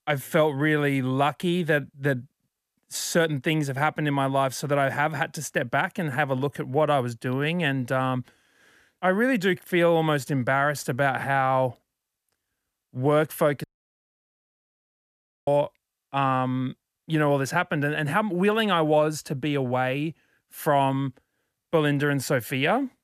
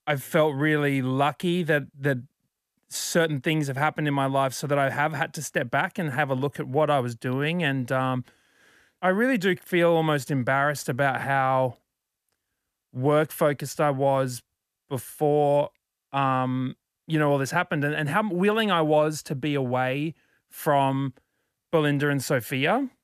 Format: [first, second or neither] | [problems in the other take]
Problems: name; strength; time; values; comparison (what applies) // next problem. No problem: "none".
second | audio cutting out; at 14 s for 2 s